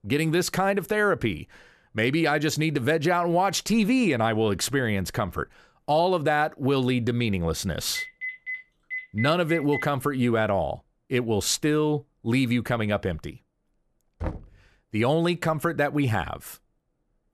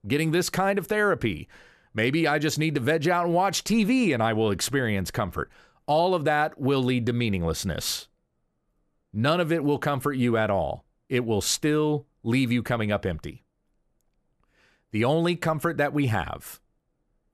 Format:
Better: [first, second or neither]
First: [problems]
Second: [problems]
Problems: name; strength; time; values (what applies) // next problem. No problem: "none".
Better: second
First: phone ringing; noticeable; from 8 to 10 s; peak 7 dB below the speech // door banging; faint; at 14 s; peak 10 dB below the speech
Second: none